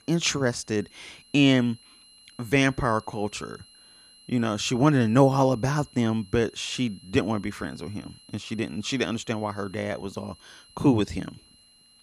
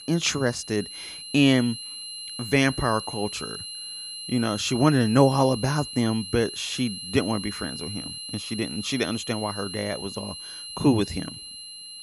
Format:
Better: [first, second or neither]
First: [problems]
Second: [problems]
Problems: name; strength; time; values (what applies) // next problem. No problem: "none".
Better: first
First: high-pitched whine; faint; throughout; 4 kHz, 25 dB below the speech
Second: high-pitched whine; loud; throughout; 4 kHz, 10 dB below the speech